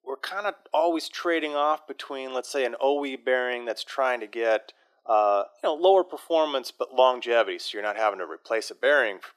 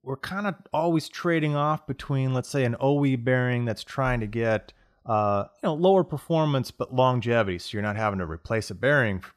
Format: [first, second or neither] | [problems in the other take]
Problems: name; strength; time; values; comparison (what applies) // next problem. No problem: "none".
second | thin; very; fading below 350 Hz